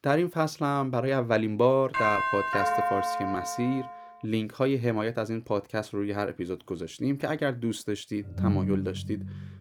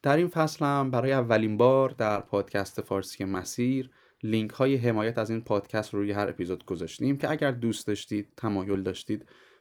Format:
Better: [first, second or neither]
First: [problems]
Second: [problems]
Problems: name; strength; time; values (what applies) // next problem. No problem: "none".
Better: second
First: doorbell; loud; from 2 to 4 s; peak 3 dB above the speech // phone ringing; loud; from 8.5 s on; peak 2 dB above the speech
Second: none